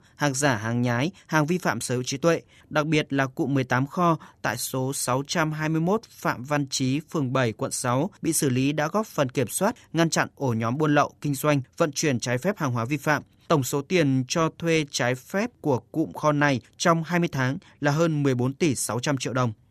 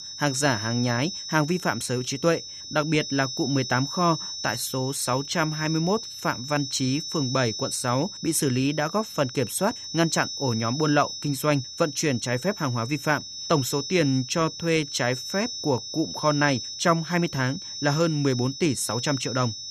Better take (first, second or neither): first